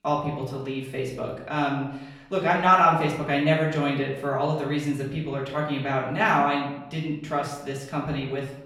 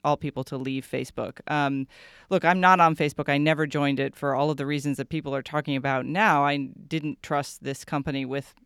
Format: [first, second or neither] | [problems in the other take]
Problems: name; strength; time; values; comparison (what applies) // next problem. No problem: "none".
second | off-mic speech; far // room echo; noticeable; dies away in 0.7 s